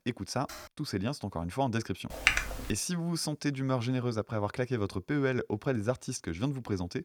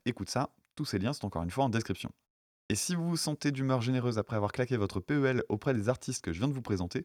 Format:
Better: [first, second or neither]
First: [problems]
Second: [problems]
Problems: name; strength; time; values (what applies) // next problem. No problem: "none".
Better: second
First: keyboard typing; faint; at 0.5 s; peak 15 dB below the speech // keyboard typing; loud; at 2.5 s; peak 6 dB above the speech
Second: none